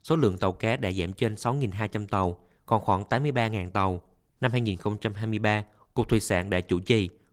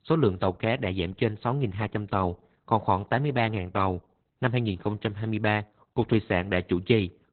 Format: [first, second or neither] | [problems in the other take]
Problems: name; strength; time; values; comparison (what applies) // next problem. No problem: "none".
first | garbled, watery; badly; nothing above 4 kHz; slightly in the first